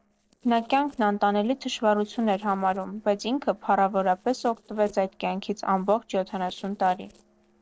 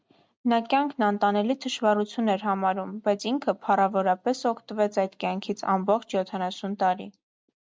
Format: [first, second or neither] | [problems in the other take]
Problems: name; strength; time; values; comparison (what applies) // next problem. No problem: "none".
second | noise reduction (neural separator model SepFormer DNS4)